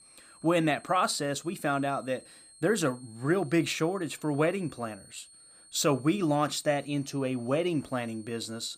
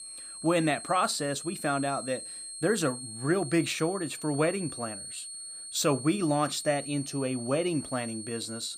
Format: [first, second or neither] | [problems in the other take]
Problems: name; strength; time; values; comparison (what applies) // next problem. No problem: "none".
first | high-pitched whine; loud; throughout; 8.5 kHz, 9 dB below the speech; faint in the first